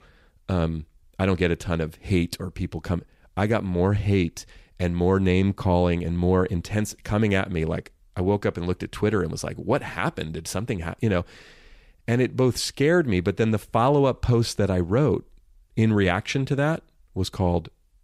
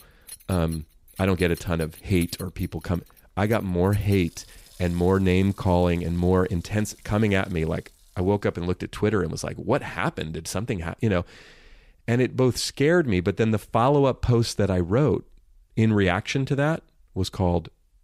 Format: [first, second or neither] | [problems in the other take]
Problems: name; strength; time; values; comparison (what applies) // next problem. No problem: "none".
first | household noises; faint; until 8 s; 20 dB below the speech